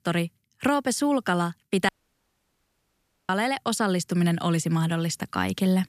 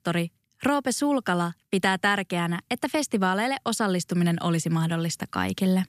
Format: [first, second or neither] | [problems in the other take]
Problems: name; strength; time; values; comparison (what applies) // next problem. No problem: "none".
second | audio cutting out; at 2 s for 1.5 s